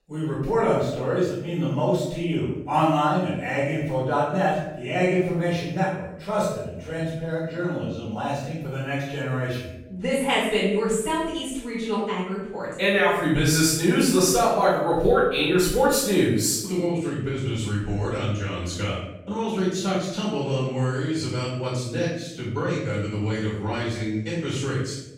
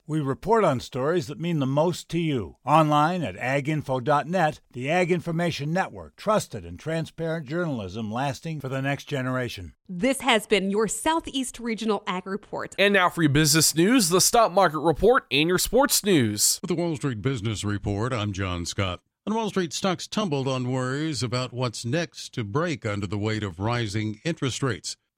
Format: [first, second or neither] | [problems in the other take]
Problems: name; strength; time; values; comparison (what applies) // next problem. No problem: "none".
second | off-mic speech; far // room echo; strong; dies away in 0.7 s